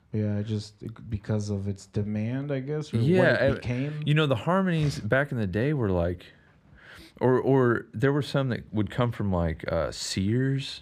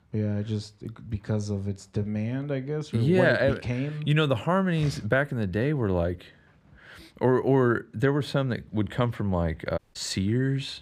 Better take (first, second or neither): first